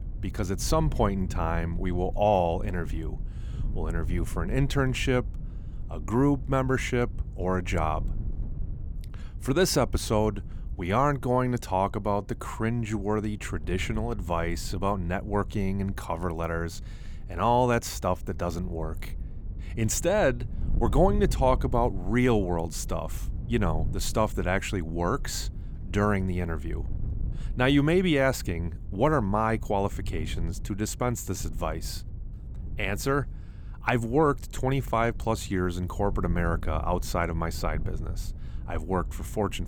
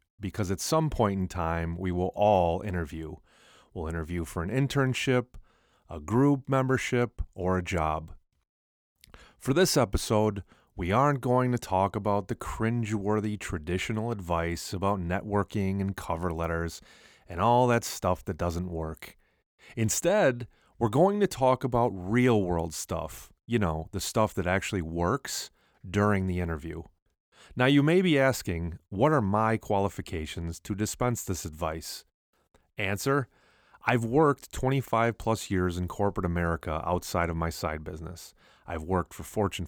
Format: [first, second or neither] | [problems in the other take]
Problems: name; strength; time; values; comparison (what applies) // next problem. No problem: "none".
second | wind noise on the microphone; occasional gusts; 25 dB below the speech